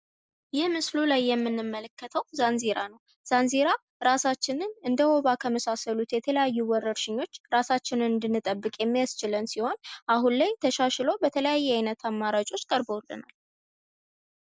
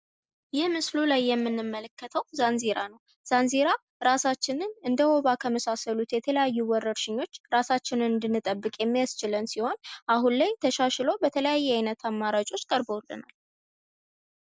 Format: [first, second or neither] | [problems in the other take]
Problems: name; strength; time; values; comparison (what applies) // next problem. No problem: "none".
second | noise reduction (neural mask model Resemble Enhance denoiser)